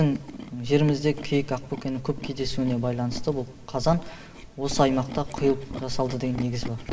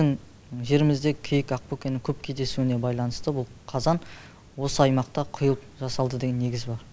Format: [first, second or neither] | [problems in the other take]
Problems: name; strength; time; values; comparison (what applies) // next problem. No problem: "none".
second | background sound (Tools); 14 dB below the speech // room echo; dies away in 1.4 s